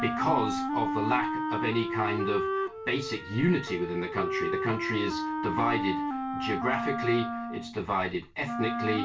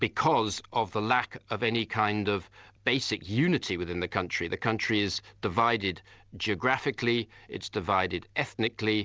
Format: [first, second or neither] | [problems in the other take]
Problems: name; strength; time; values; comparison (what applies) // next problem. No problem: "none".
second | background sound (Wind instrument, woodwind instrument); 2 dB below the speech // room echo; dies away in 0.2 s